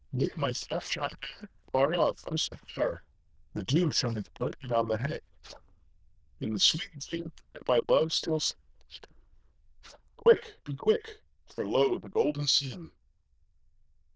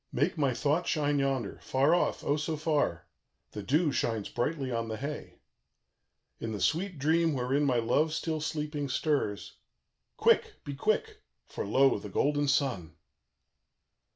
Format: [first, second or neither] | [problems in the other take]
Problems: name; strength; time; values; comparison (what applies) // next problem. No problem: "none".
second | noise reduction (neural diffusion model UNIVERSE++)